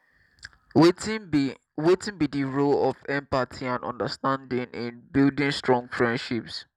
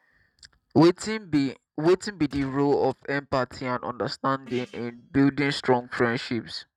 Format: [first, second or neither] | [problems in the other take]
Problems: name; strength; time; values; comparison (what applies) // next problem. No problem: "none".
first | noise reduction (neural mask model RNNoise)